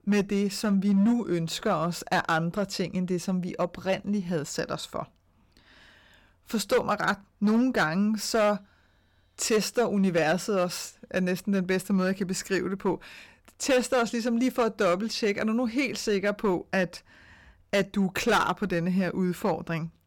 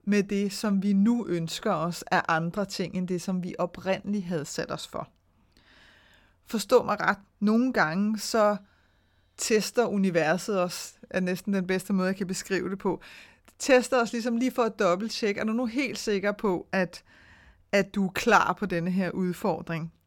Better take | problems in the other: second | distortion; slight; 4% of the sound clipped

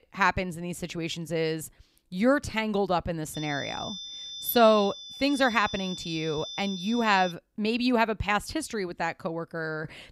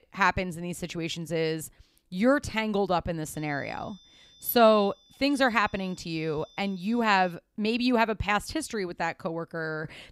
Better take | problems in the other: second | high-pitched whine; loud; from 3.5 to 7.5 s; 3.5 kHz, 10 dB below the speech; faint in the second

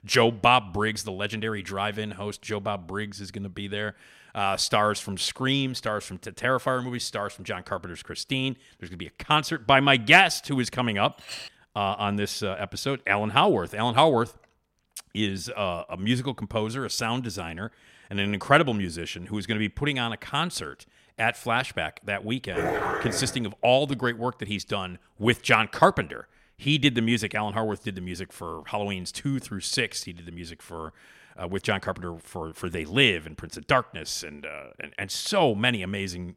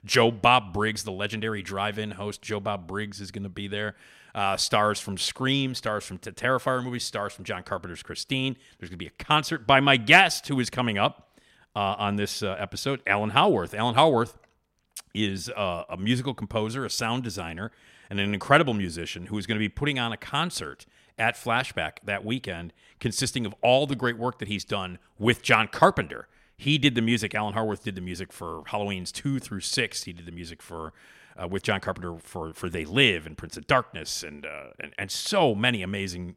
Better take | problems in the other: second | clattering dishes; faint; at 11 s; peak 10 dB below the speech // dog barking; noticeable; at 23 s; peak 1 dB below the speech

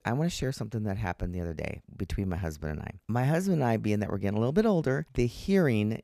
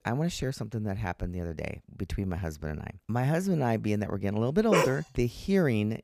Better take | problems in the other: first | dog barking; loud; at 4.5 s; peak 3 dB above the speech

